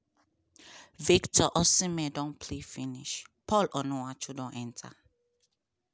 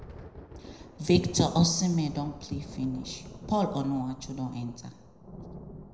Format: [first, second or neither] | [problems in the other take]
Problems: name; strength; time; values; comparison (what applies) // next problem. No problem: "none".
first | background sound (Thunder); 15 dB below the speech // room echo; dies away in 0.8 s